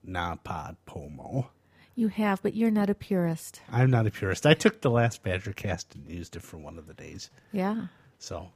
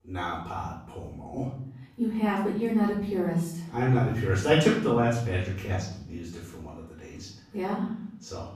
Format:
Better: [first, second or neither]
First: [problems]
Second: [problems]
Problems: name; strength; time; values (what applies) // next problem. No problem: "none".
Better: first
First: none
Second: off-mic speech; far // room echo; noticeable; dies away in 0.6 s